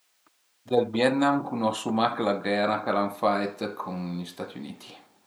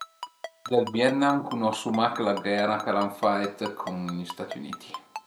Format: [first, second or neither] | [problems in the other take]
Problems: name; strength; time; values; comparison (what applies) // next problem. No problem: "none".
first | background sound (Ringtone); 14 dB below the speech